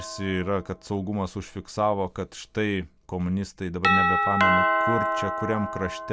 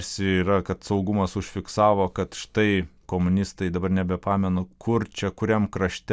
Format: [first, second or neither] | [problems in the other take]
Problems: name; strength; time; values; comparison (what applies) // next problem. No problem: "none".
second | background sound (Doorbell); 1 dB above the speech